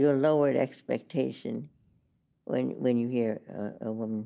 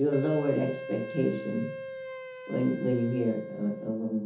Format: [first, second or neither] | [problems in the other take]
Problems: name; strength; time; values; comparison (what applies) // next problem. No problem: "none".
first | background sound (Wind instrument, woodwind instrument); 10 dB below the speech // room echo; dies away in 0.6 s